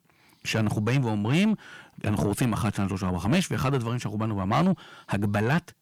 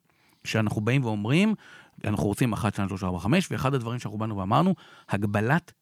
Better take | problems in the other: second | distortion; slight; 10 dB below the speech

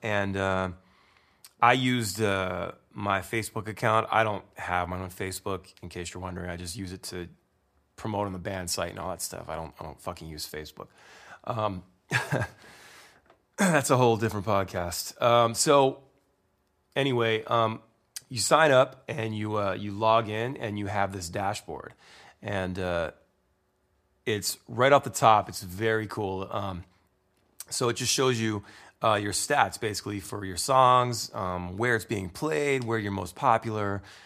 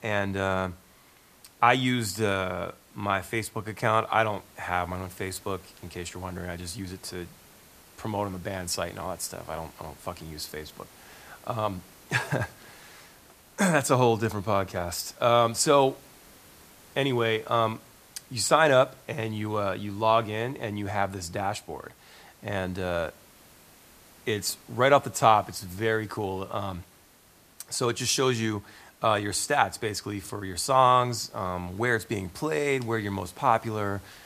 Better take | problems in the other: first | hiss; faint; throughout; 25 dB below the speech

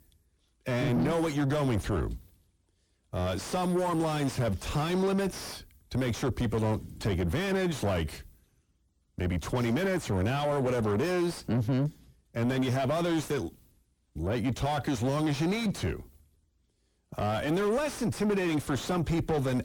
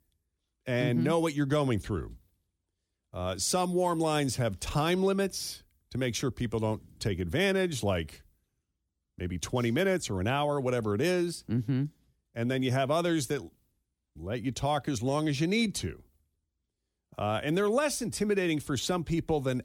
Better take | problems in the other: second | distortion; heavy; 6 dB below the speech

